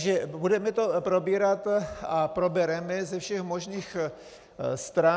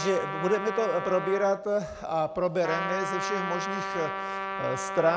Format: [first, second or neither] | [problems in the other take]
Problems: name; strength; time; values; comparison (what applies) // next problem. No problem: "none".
first | background sound (Trumpet); 5 dB below the speech